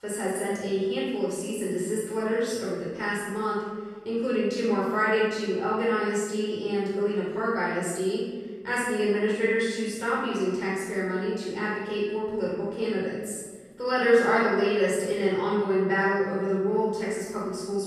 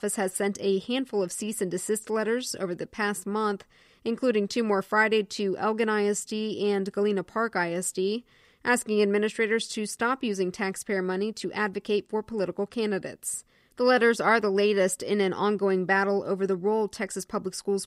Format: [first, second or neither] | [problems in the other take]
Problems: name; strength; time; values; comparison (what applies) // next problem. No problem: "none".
second | off-mic speech; far // room echo; strong; dies away in 1.4 s